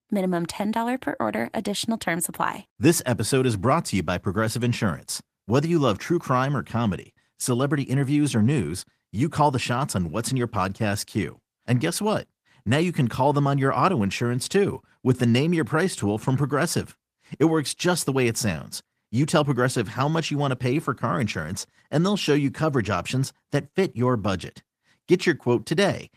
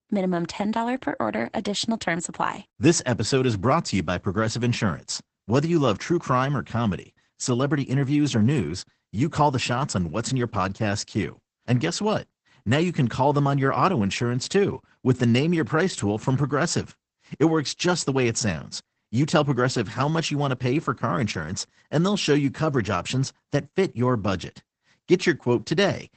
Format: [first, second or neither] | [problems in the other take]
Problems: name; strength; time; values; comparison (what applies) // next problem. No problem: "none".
first | garbled, watery; badly; nothing above 8 kHz; slightly in the first